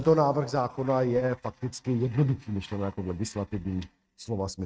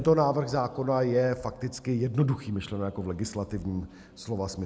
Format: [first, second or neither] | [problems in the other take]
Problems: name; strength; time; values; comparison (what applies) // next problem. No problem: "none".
second | noise reduction (neural mask model RNNoise)